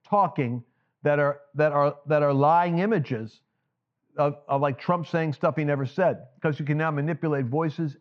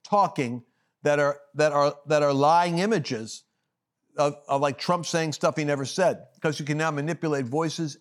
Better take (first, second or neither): second